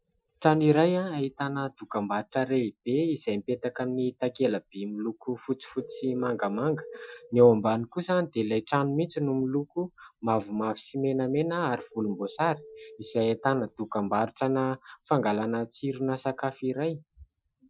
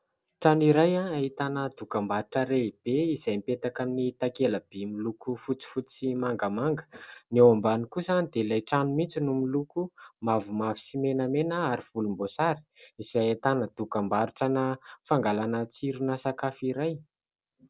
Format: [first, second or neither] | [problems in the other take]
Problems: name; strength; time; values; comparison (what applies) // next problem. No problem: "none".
second | noise reduction (classical method Wiener filter)